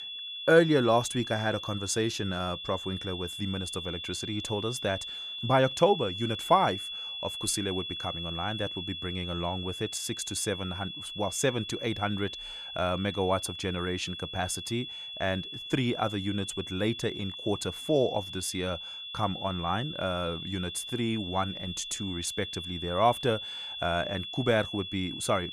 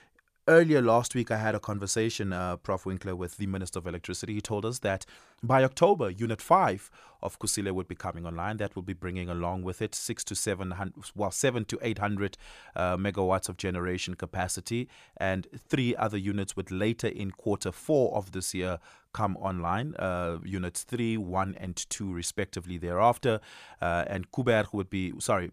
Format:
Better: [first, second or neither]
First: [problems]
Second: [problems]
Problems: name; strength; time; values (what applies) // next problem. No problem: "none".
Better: second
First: high-pitched whine; loud; throughout; 3.5 kHz, 6 dB below the speech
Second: none